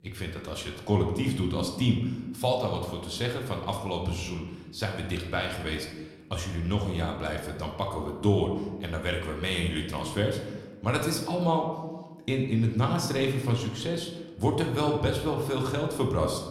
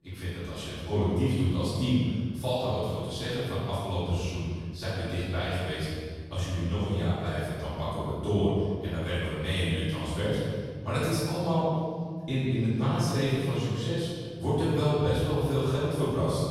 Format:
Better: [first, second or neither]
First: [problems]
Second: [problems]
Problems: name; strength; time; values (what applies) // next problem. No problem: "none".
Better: first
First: room echo; slight; dies away in 1.1 s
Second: room echo; strong; dies away in 1.7 s // off-mic speech; far